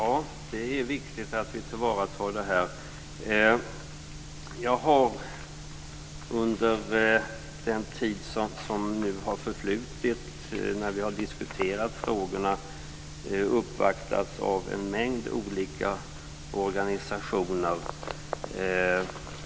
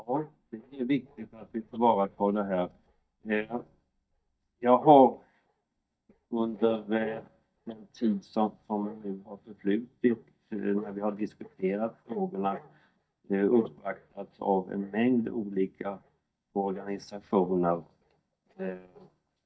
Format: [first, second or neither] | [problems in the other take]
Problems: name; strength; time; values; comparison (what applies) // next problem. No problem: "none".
first | noise reduction (neural mask model DeepFilterNet 3)